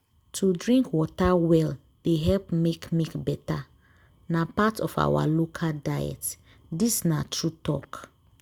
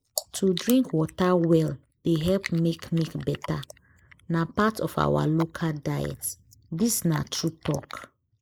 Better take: first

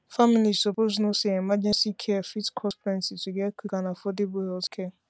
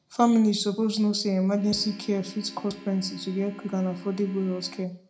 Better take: first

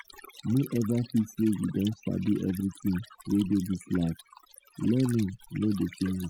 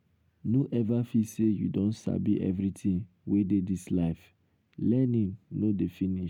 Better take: second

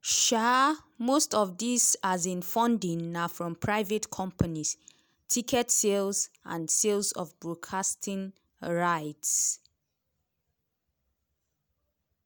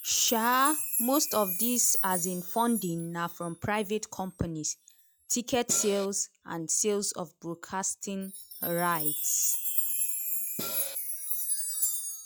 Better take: first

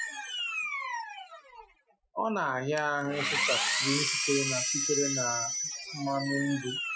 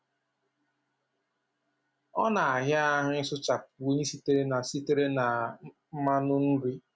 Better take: second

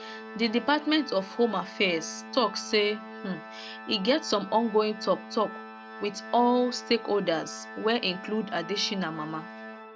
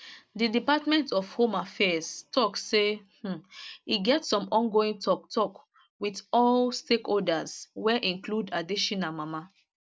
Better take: second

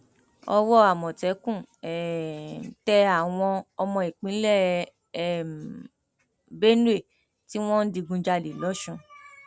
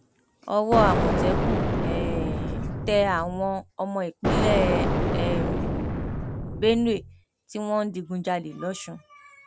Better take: first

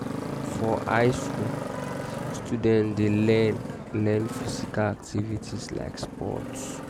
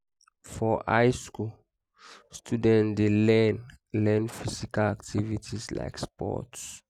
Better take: second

